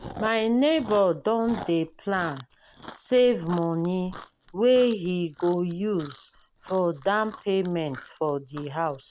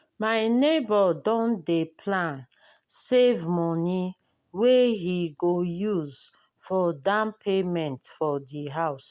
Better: second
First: background sound (Chewing, mastication); 19 dB below the speech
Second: none

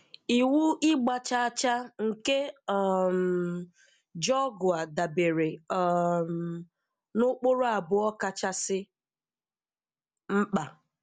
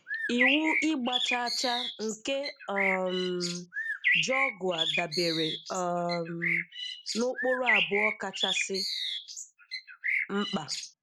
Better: first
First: none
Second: background sound (Bird); 1 dB above the speech

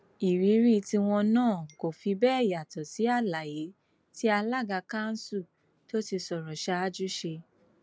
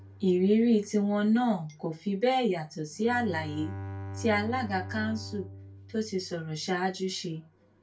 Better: first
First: none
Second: background sound (Bowed string instrument); 14 dB below the speech // room echo; dies away in 0.2 s

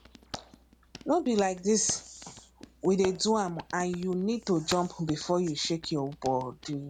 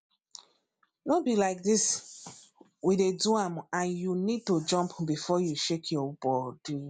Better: second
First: background sound (Hands); 17 dB below the speech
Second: none

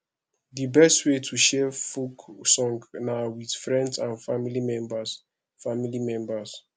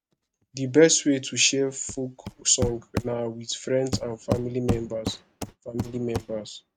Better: first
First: none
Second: noise reduction (neural mask model RNNoise)

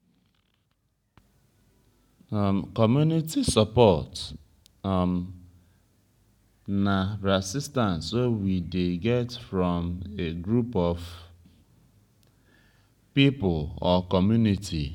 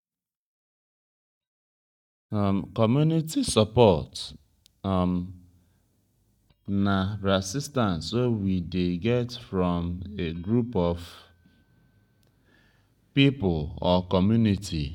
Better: first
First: none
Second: noise reduction (neural mask model DeepFilterNet 3)

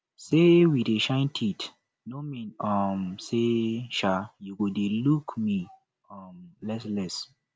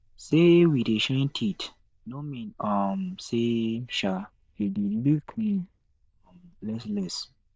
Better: first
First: none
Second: noise reduction (neural diffusion model UNIVERSE++)

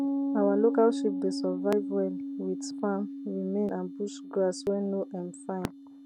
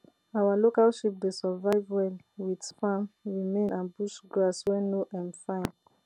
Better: second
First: background sound (Piano); 4 dB below the speech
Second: none

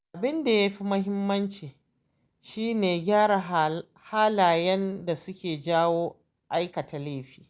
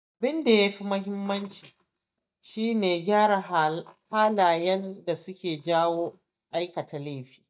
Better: first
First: none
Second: noise reduction (neural mask model DeepFilterNet 3)

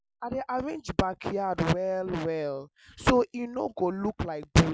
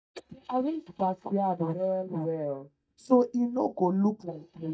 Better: first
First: none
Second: noise reduction (neural mask model DeepFilterNet 3)

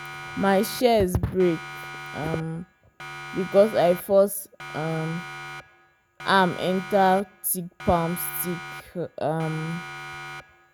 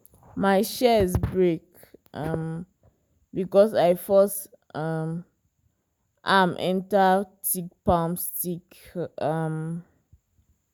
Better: second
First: background sound (Siren); 14 dB below the speech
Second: none

